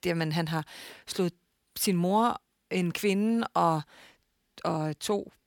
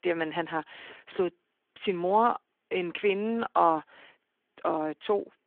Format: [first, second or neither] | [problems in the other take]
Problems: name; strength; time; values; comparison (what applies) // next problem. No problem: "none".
first | phone-call audio